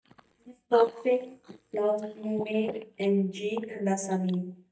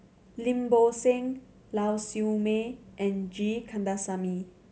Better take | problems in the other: second | noise reduction (neural mask model DeepFilterNet 3)

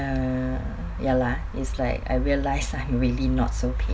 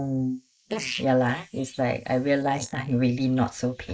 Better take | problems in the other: first | noise reduction (neural mask model Resemble Enhance denoiser)

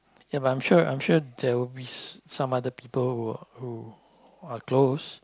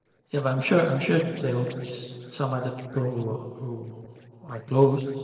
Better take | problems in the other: first | noise reduction (neural separator model SepFormer DNS4)

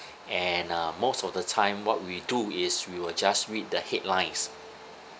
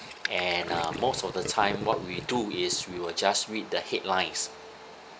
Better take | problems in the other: first | background sound (Gurgling); 9 dB below the speech

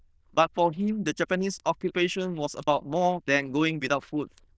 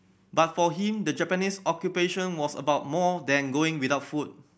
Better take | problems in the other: second | noise reduction (neural diffusion model UNIVERSE++)

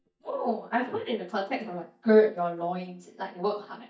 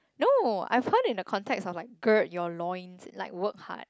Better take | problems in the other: second | noise reduction (neural mask model DeepFilterNet 3)

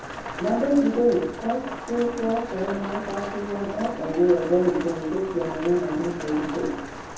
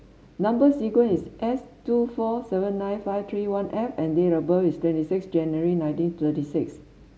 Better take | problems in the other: second | background sound (Rain); 11 dB below the speech // room echo; dies away in 0.7 s

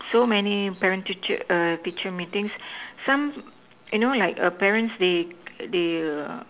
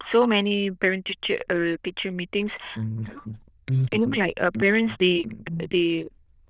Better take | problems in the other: first | noise reduction (neural diffusion model UNIVERSE++)

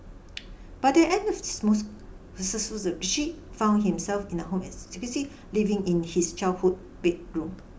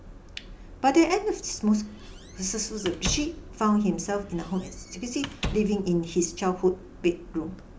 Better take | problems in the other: first | background sound (Squeak / Slam); 11 dB below the speech

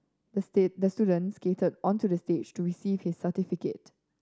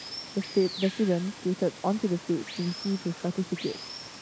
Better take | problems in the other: first | background sound (Water); 12 dB below the speech

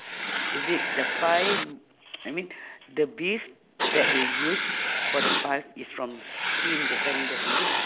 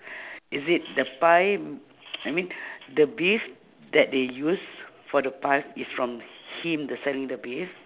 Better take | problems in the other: second | background sound (Writing); 2 dB above the speech

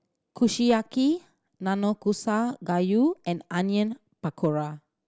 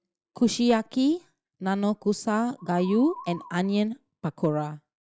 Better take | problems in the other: first | noise reduction (classical method log-MMSE)

